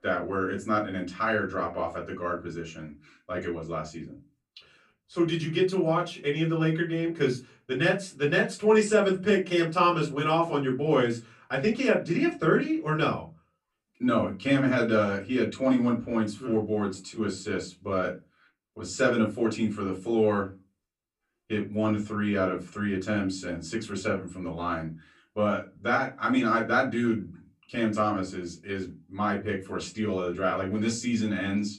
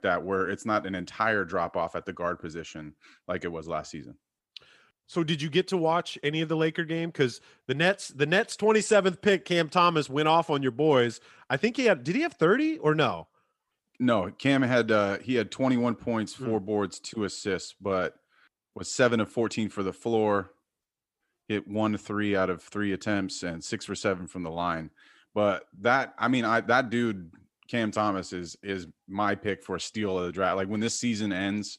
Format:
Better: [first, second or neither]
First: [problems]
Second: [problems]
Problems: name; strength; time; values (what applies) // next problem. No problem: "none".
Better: second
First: off-mic speech; far // room echo; very slight; dies away in 0.2 s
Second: none